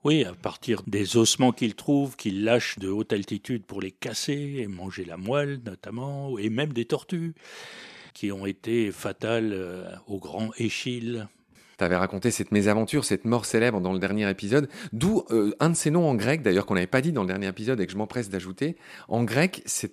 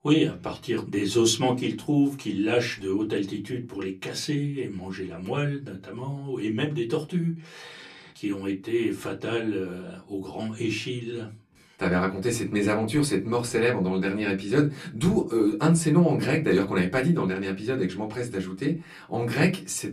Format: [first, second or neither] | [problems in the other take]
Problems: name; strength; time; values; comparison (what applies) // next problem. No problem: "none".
first | off-mic speech; far // room echo; very slight; dies away in 0.2 s